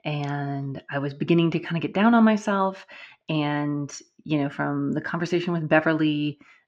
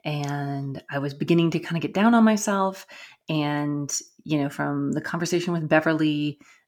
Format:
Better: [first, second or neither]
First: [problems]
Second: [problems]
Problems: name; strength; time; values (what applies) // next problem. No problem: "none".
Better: second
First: muffled; slightly; fading above 3 kHz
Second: none